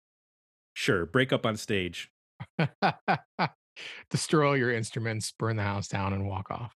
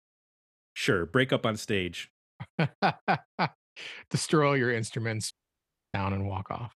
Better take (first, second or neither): first